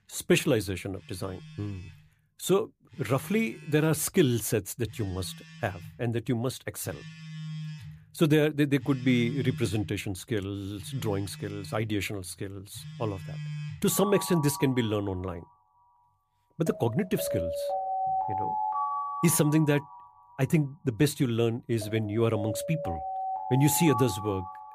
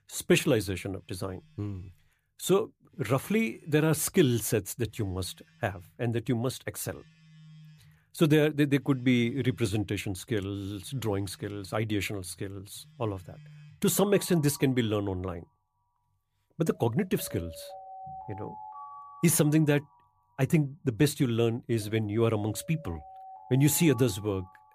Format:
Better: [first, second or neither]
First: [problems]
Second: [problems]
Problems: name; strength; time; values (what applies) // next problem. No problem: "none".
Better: second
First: alarms or sirens; loud; throughout; 8 dB below the speech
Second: alarms or sirens; faint; throughout; 20 dB below the speech